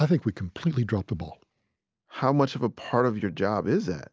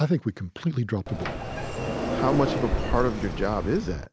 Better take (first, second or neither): first